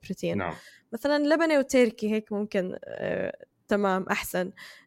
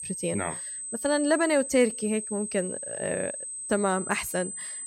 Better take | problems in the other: first | high-pitched whine; loud; throughout; 8 kHz, 6 dB below the speech

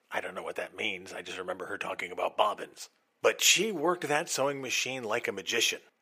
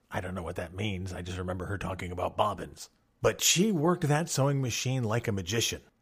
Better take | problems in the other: second | thin; somewhat; fading below 450 Hz

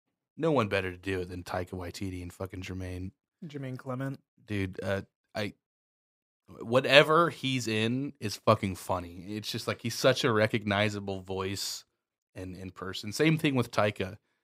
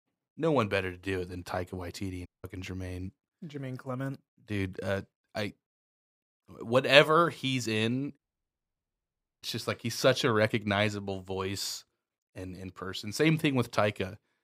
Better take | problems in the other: first | audio cutting out; at 2.5 s and at 8 s for 1 s

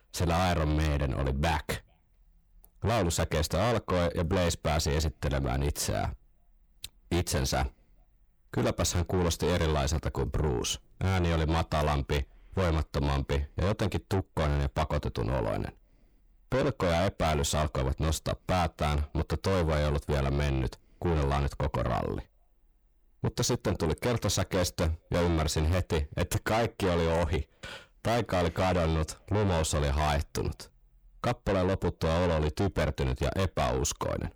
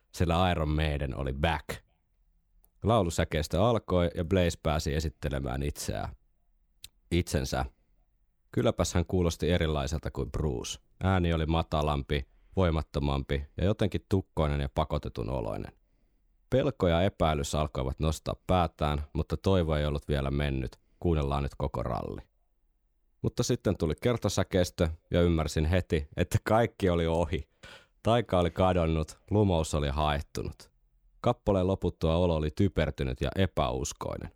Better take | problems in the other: second | distortion; heavy; 6 dB below the speech

